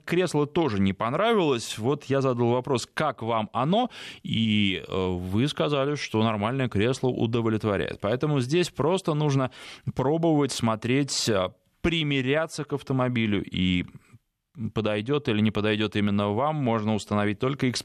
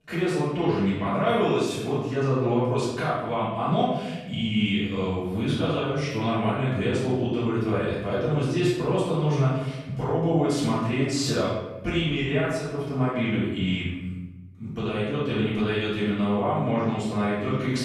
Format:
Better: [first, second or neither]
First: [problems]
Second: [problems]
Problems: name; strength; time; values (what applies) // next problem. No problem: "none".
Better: first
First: none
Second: off-mic speech; far // room echo; strong; dies away in 1.1 s